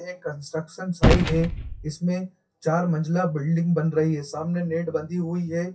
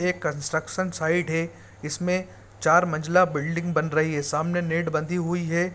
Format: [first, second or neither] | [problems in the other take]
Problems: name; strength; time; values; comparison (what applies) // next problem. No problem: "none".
second | noise reduction (classical method WPE with log-MMSE)